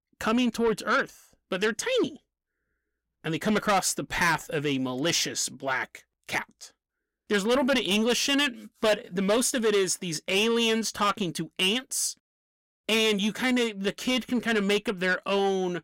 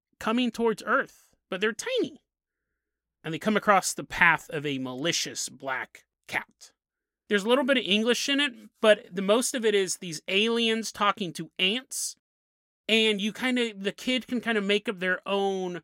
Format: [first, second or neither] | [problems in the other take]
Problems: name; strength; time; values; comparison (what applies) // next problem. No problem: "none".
second | distortion; heavy; 8 dB below the speech